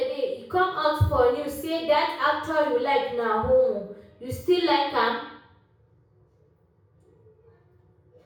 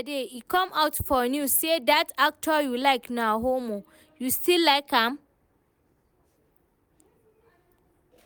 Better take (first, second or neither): second